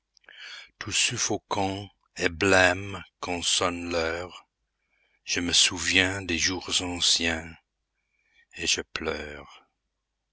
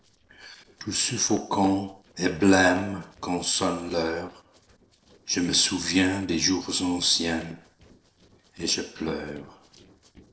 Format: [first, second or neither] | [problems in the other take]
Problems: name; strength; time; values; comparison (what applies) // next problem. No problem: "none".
first | noise reduction (neural separator model SepFormer DNS4)